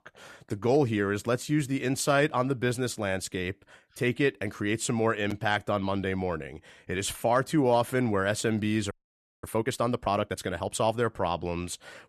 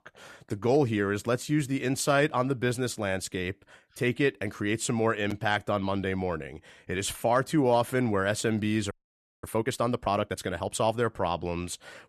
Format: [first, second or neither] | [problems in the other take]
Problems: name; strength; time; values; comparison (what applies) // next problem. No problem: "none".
neither | audio freezing; at 9 s for 0.5 s; the same in both